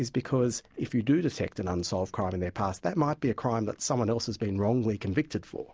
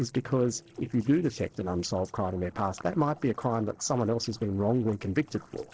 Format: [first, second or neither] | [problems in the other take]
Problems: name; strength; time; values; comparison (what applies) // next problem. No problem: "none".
first | noise reduction (neural separator model SepFormer DNS4)